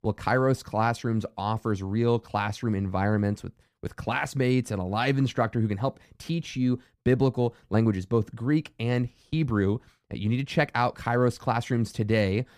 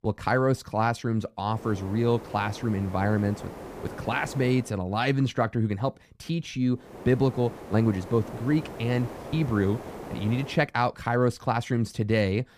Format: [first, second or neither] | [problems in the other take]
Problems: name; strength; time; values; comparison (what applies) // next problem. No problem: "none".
first | hiss; noticeable; from 1.5 to 4.5 s and from 7 to 11 s; 15 dB below the speech